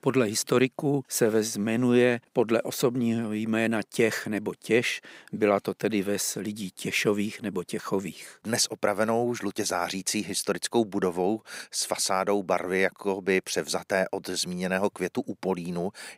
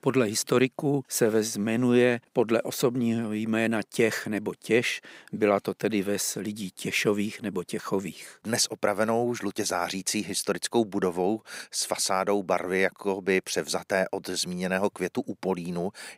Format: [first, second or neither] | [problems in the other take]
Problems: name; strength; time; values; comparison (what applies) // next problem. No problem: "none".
neither | none